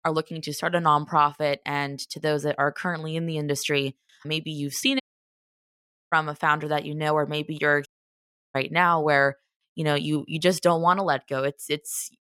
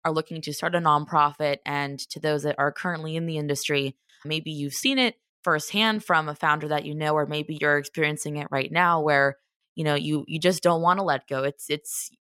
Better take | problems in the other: second | audio cutting out; at 5 s for 1 s and at 8 s for 0.5 s

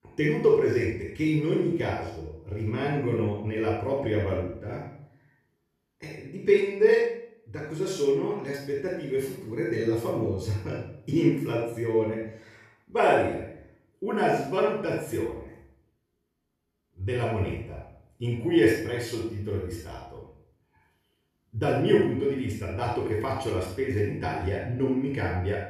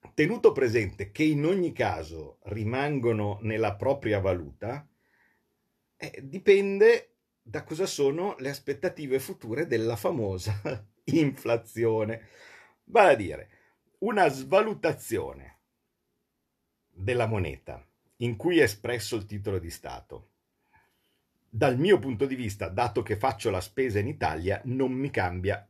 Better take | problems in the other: second | off-mic speech; far // room echo; noticeable; dies away in 0.6 s

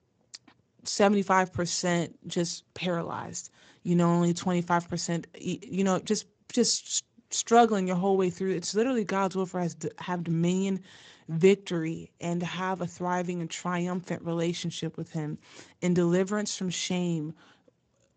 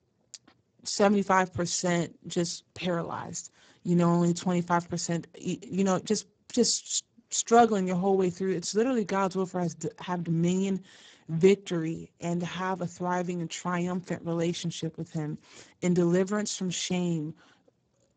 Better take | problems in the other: first | garbled, watery; badly; nothing above 7.5 kHz; slightly in the first

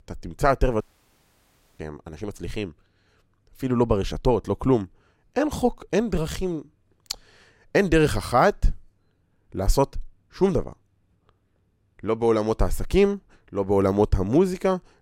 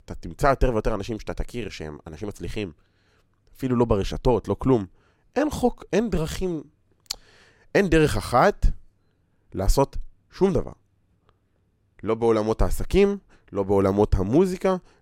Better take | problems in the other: second | audio cutting out; at 1 s for 1 s

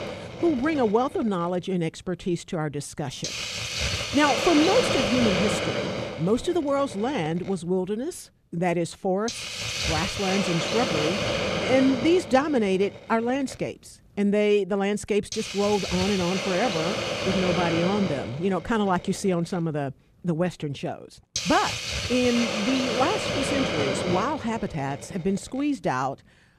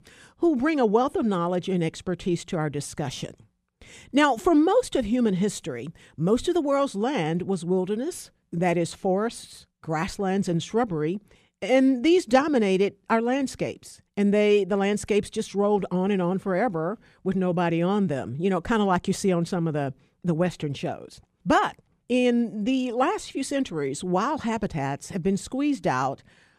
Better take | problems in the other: second | hiss; loud; throughout; 2 dB below the speech

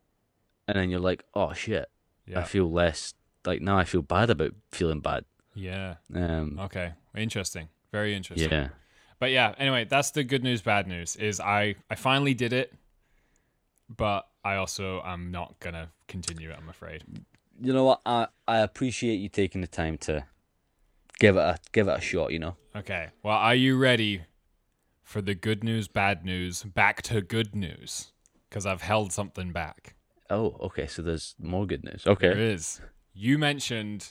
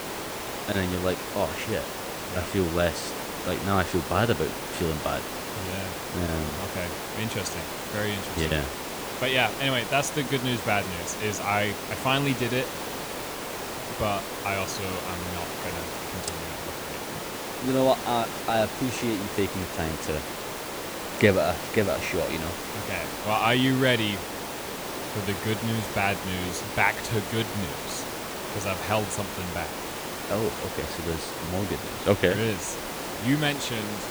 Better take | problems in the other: first | hiss; loud; throughout; 5 dB below the speech

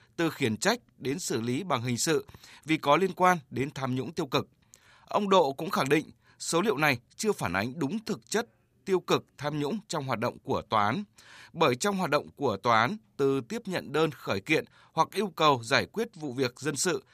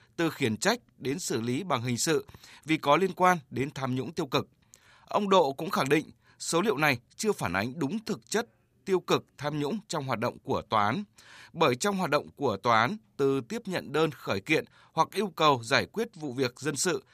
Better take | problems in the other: neither | none

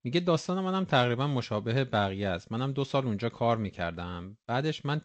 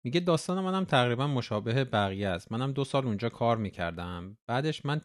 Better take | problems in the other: second | garbled, watery; slightly; nothing above 8 kHz

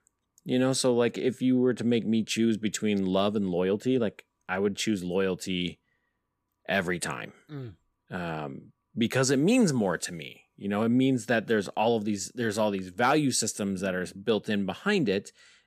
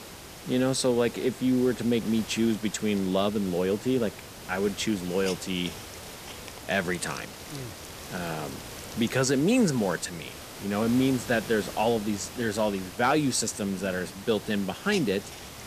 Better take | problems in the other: first | hiss; noticeable; throughout; 15 dB below the speech

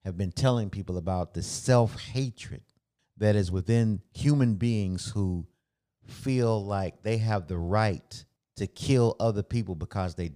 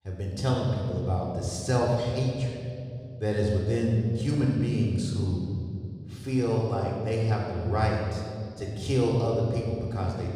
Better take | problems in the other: first | room echo; noticeable; dies away in 2.1 s // off-mic speech; somewhat distant

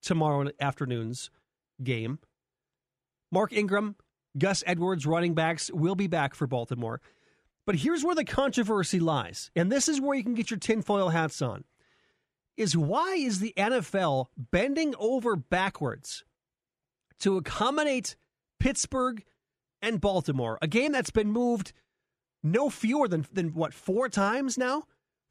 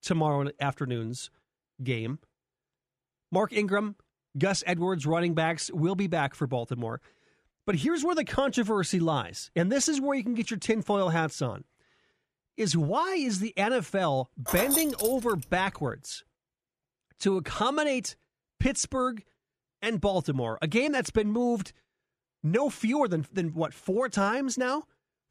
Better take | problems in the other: first | jangling keys; loud; at 14 s; peak 2 dB above the speech

